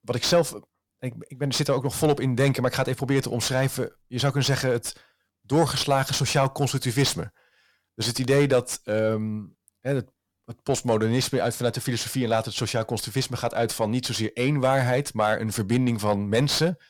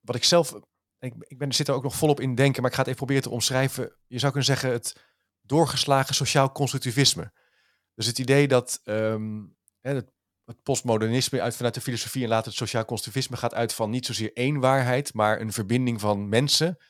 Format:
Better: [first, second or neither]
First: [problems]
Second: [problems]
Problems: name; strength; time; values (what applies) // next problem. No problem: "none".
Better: second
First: distortion; slight; 10 dB below the speech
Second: none